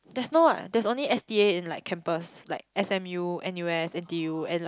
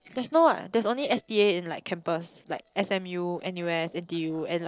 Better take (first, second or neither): first